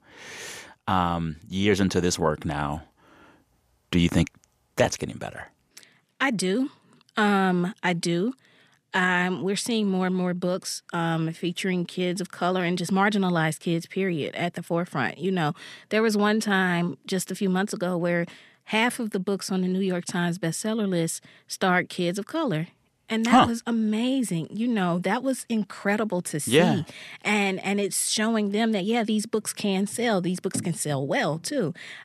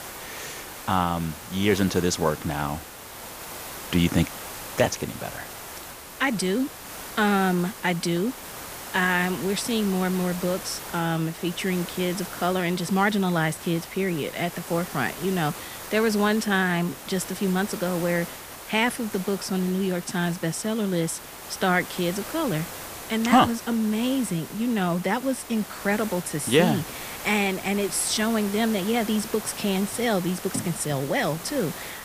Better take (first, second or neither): first